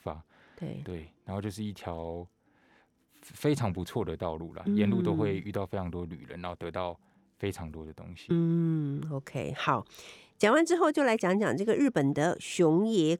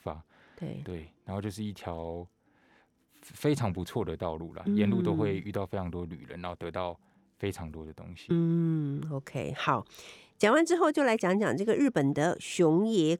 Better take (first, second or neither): neither